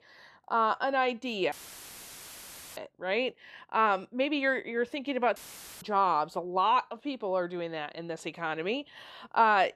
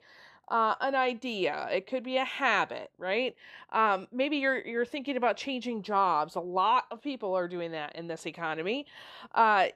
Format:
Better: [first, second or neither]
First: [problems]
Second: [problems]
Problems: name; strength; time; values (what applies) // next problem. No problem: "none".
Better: second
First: audio cutting out; filled with static; at 1.5 s for 1.5 s and at 5.5 s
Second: none